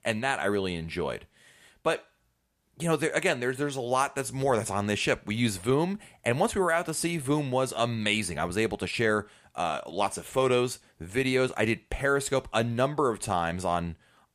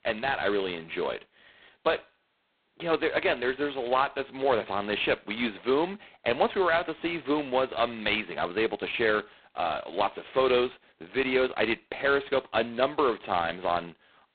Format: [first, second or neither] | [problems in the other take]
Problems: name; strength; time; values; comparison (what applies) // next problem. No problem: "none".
first | phone-call audio; poor line; nothing above 4 kHz